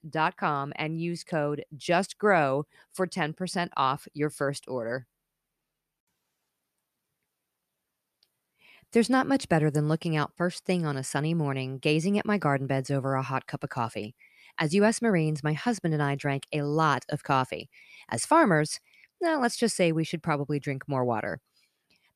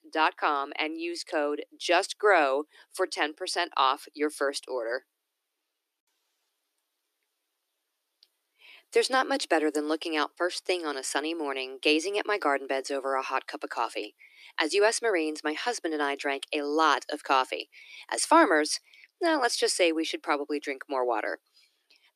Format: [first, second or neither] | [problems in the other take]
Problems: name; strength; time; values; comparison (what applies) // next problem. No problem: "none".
first | thin; somewhat; fading below 300 Hz